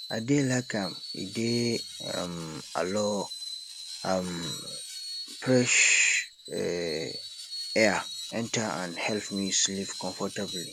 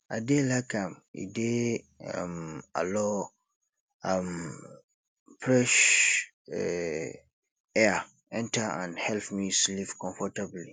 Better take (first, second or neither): second